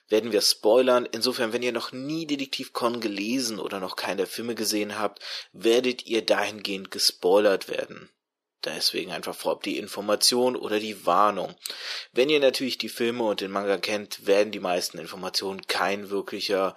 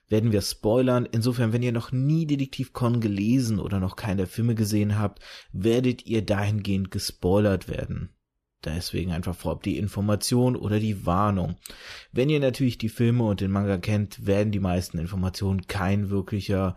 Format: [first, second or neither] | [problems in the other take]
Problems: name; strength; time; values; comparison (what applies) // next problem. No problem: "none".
second | thin; very; fading below 350 Hz